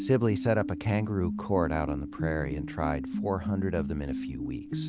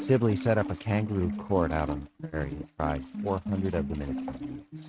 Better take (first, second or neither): first